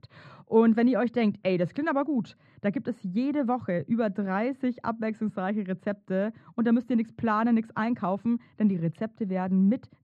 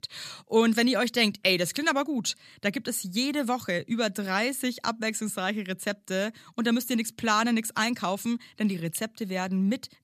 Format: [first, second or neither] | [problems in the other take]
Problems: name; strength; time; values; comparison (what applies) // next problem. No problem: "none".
second | muffled; very; fading above 1 kHz